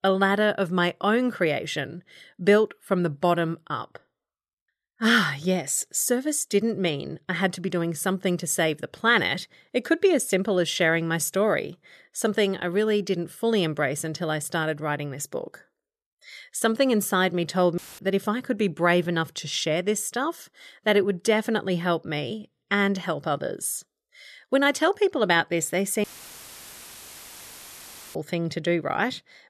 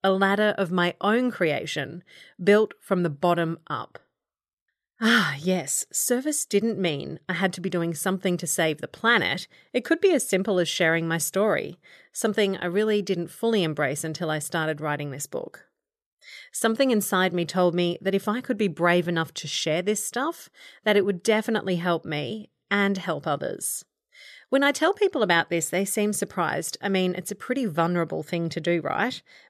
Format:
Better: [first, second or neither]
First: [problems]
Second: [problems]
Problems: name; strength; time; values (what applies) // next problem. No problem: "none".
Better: second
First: audio cutting out; filled with static; at 18 s and at 26 s for 2 s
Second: none